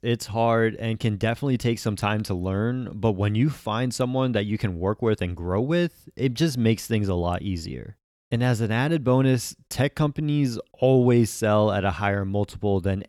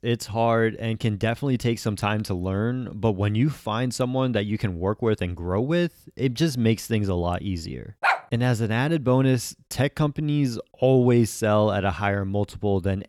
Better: first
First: none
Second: dog barking; loud; at 8 s; peak 1 dB above the speech

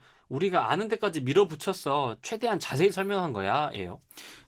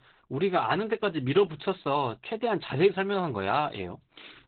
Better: first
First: garbled, watery; slightly; nothing above 15.5 kHz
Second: garbled, watery; badly; nothing above 4 kHz

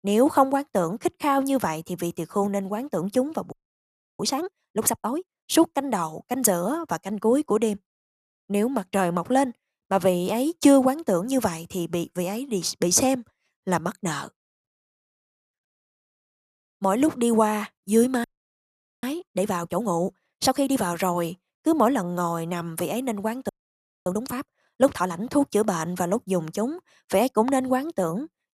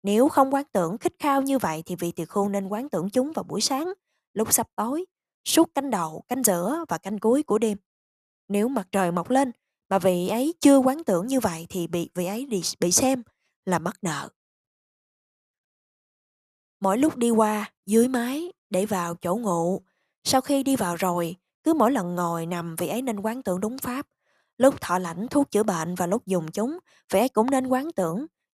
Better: second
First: audio freezing; at 3.5 s for 0.5 s, at 18 s for 1 s and at 23 s for 0.5 s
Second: none

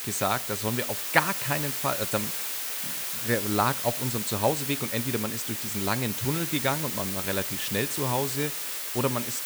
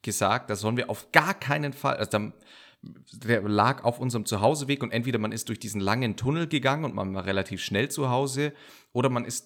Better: second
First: hiss; loud; throughout; as loud as the speech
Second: none

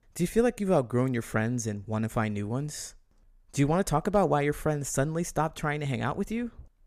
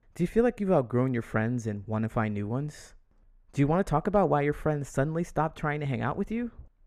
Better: first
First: none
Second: muffled; slightly; fading above 3.5 kHz

